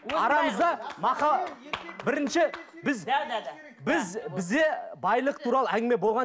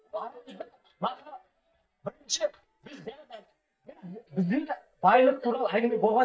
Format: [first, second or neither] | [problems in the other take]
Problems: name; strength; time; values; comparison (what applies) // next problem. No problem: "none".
first | noise reduction (neural mask model DeepFilterNet 3)